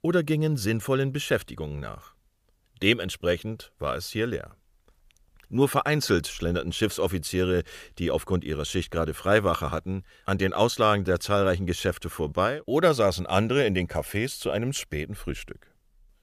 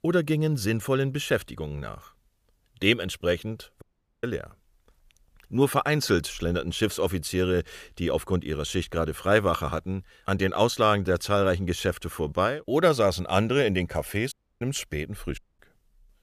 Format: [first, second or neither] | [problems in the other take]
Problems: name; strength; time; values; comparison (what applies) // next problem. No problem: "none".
first | audio cutting out; at 4 s, at 14 s and at 15 s